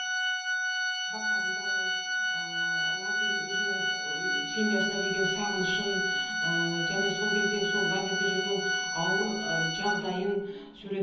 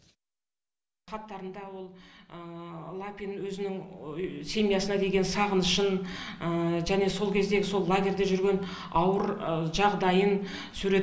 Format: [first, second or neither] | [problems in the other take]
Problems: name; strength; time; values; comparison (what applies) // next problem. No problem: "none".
second | background sound (Organ); 4 dB above the speech // room echo; dies away in 0.7 s